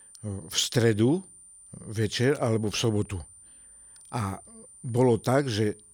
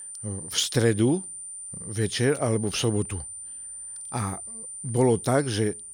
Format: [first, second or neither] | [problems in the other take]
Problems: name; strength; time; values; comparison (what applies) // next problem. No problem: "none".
first | high-pitched whine; loud; throughout; 9 kHz, 10 dB below the speech; faint in the first